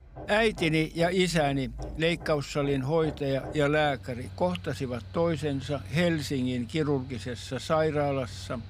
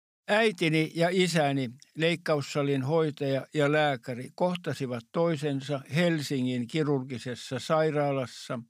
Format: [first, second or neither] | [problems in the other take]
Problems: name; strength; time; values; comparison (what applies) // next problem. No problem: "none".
second | machinery noise; noticeable; throughout; 15 dB below the speech